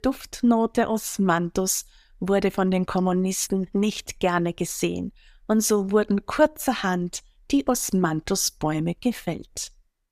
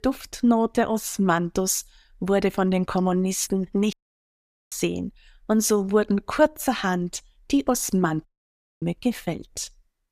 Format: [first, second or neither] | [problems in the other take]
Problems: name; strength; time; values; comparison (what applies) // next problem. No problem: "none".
first | audio cutting out; at 4 s for 1 s and at 8.5 s for 0.5 s